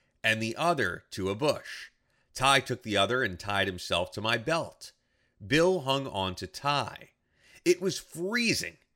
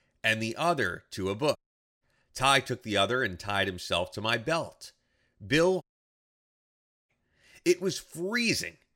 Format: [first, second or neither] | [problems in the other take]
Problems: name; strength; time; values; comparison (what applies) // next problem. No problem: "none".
first | audio cutting out; at 1.5 s and at 6 s for 1.5 s